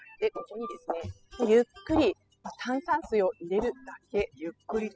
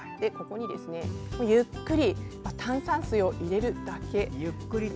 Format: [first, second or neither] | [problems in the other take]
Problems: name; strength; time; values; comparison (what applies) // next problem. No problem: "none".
second | noise reduction (classical method spectral subtraction)